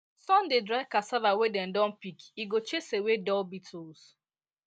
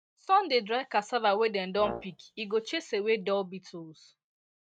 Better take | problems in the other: first | noise reduction (neural mask model RNNoise)

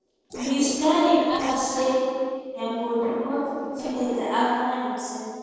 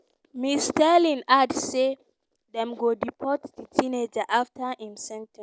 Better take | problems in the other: second | noise reduction (neural separator model SepFormer DNS4)

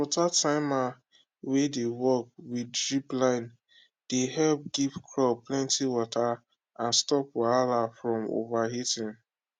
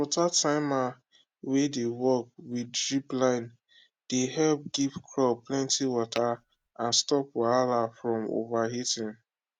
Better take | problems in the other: first | background sound (Tap / Glass); 17 dB below the speech

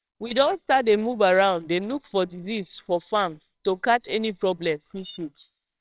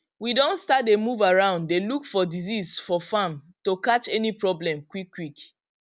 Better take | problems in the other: second | noise reduction (neural separator model SepFormer WHAMR!)

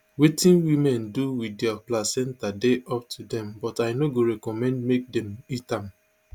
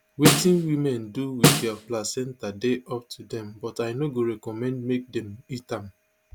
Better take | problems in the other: first | background sound (Snare drum); 4 dB above the speech

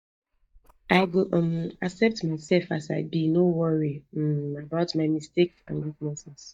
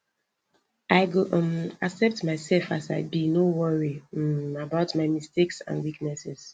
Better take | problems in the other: second | noise reduction (neural mask model DeepFilterNet 3)

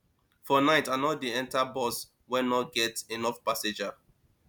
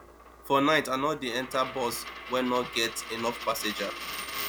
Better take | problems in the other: first | background sound (Coin (dropping)); 10 dB below the speech

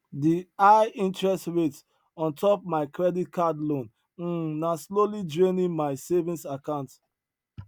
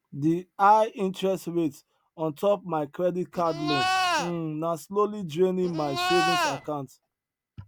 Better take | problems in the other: first | background sound (Livestock, farm animals, working animals); as loud as the speech

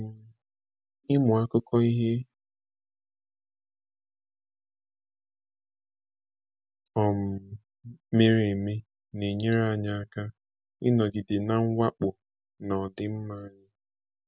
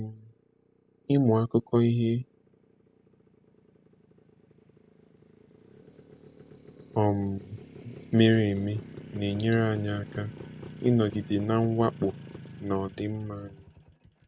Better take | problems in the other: first | background sound (Motorcycle); 17 dB below the speech

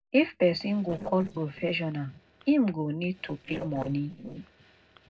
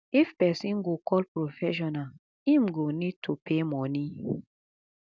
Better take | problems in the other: second | noise reduction (neural separator model SepFormer DNS4)

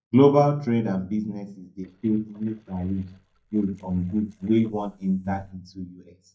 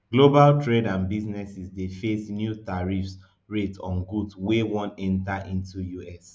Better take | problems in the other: second | noise reduction (neural mask model DeepFilterNet 3)

